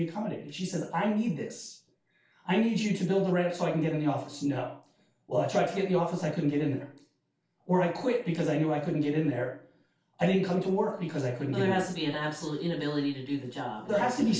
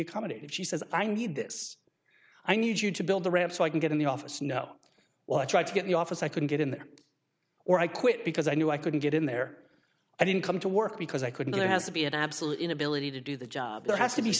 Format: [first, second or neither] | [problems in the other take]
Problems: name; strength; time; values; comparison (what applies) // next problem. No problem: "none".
second | room echo; dies away in 0.3 s